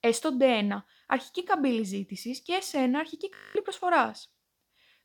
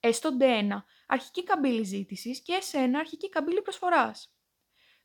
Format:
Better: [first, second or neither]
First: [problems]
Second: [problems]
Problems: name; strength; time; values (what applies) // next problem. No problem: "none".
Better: second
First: audio freezing; at 3.5 s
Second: none